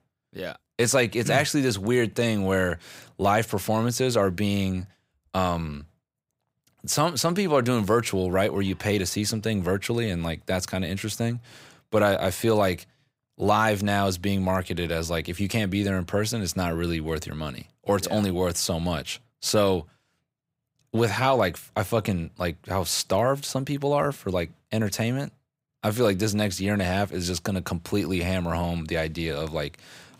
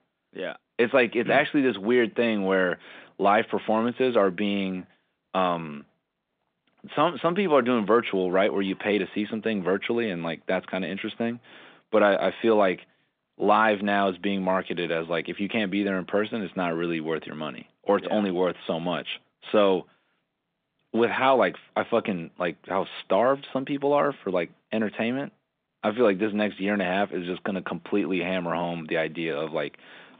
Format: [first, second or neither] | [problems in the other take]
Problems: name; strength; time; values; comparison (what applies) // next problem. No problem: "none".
first | phone-call audio; nothing above 3.5 kHz